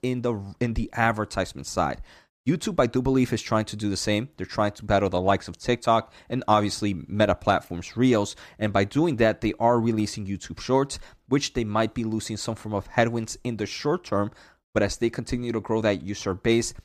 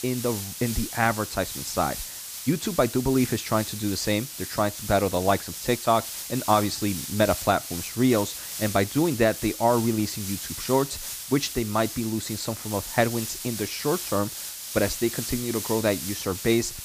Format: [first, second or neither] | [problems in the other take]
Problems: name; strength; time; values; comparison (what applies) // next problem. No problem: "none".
first | hiss; loud; throughout; 7 dB below the speech